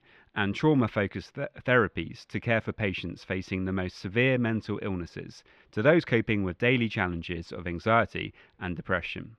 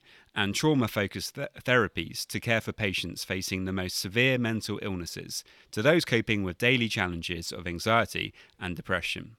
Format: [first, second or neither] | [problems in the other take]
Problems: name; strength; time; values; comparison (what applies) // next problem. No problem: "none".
second | muffled; very; fading above 2 kHz